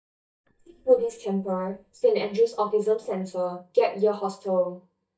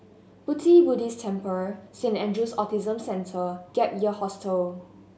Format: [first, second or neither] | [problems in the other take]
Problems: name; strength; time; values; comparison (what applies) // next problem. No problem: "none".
second | noise reduction (neural mask model DeepFilterNet 3)